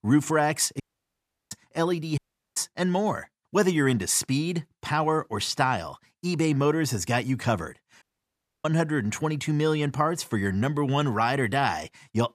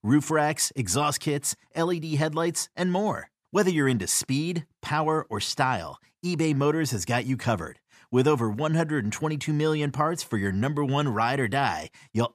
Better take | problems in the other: second | audio cutting out; at 1 s for 0.5 s, at 2 s and at 8 s for 0.5 s

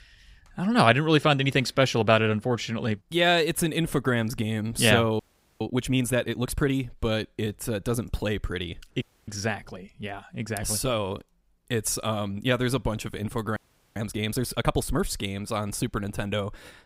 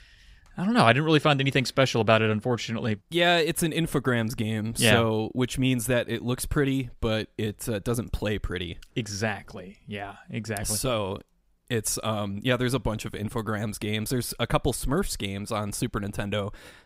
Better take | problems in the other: second | audio freezing; at 5 s, at 9 s and at 14 s

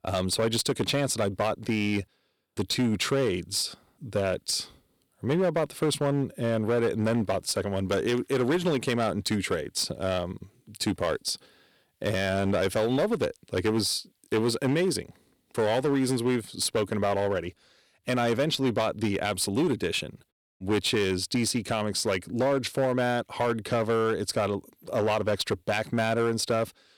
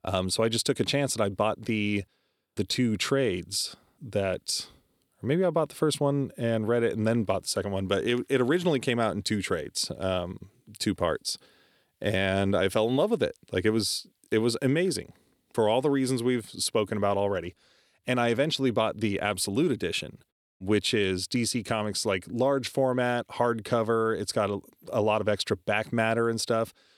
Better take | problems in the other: second | distortion; slight; 8% of the sound clipped

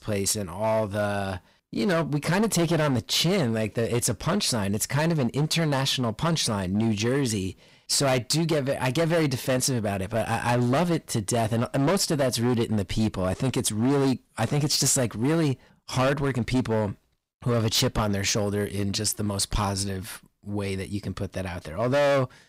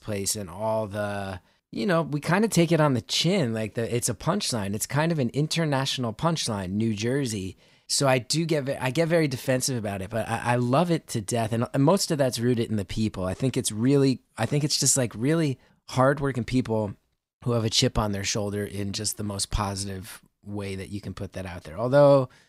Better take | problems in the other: second | distortion; heavy; 13% of the sound clipped

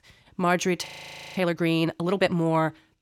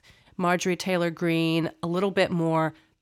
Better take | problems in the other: second | audio freezing; at 1 s for 0.5 s

